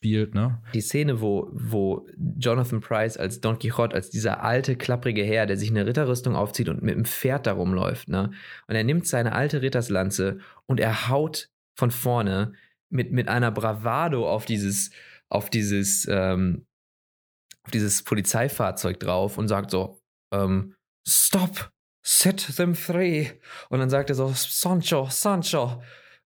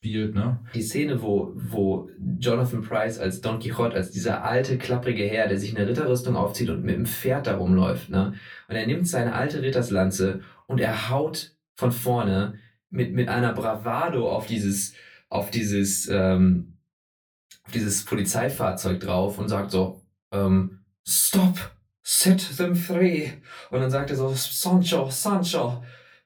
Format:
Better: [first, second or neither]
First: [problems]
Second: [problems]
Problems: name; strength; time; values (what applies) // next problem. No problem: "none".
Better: first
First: none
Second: off-mic speech; far // room echo; very slight; dies away in 0.2 s